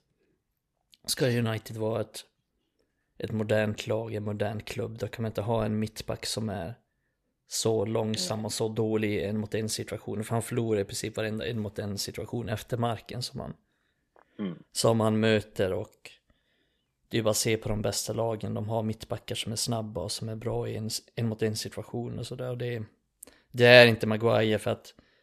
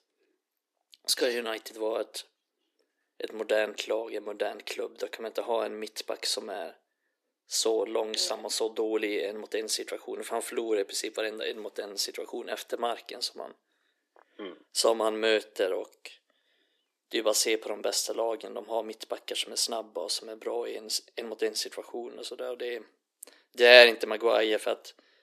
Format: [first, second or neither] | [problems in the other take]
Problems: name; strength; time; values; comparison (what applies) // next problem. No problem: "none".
first | thin; very; fading below 300 Hz